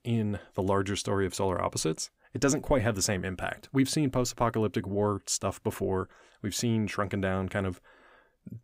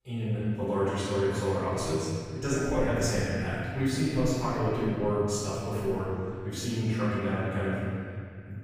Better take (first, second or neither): first